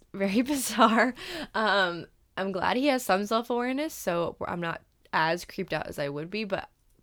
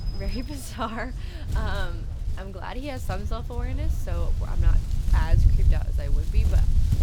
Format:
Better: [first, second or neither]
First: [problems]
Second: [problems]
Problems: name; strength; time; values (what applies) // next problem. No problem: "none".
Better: first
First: none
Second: wind noise on the microphone; heavy; 7 dB below the speech